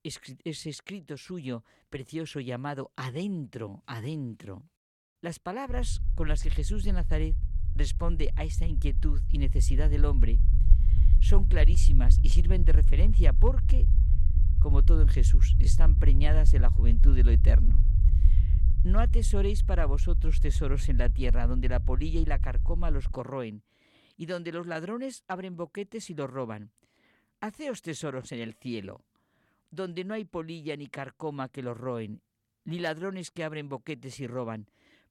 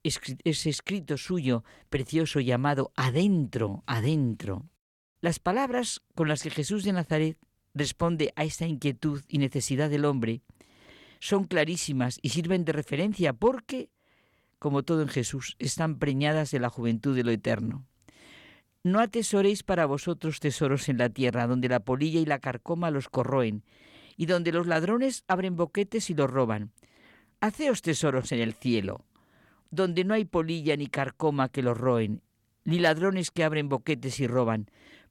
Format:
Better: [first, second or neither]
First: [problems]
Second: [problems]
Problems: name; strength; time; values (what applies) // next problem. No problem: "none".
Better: second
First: low rumble; loud; from 5.5 to 23 s; 9 dB below the speech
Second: none